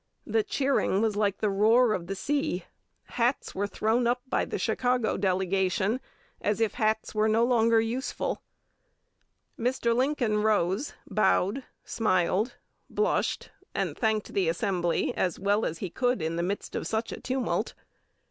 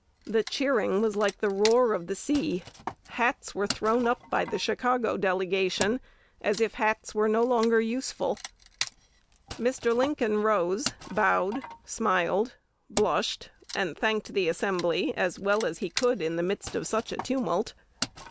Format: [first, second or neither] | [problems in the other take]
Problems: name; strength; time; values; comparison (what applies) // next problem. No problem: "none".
first | background sound (Wood); 14 dB below the speech